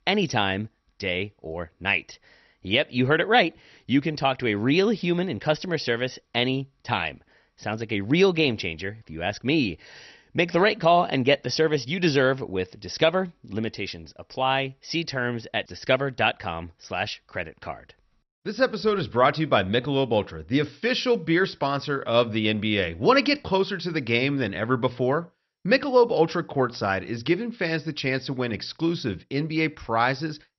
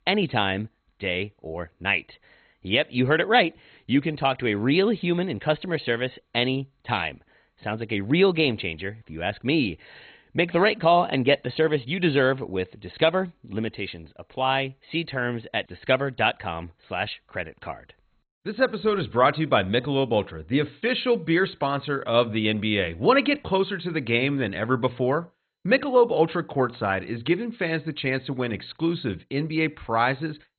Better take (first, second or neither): first